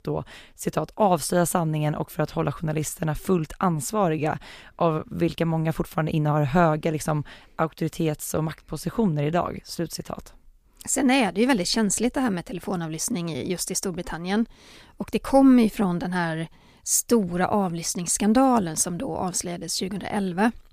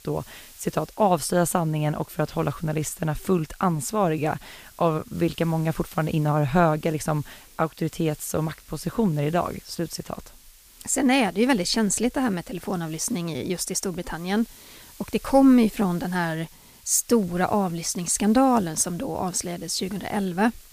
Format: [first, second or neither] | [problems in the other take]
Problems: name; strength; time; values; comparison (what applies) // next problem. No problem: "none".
first | hiss; faint; throughout; 25 dB below the speech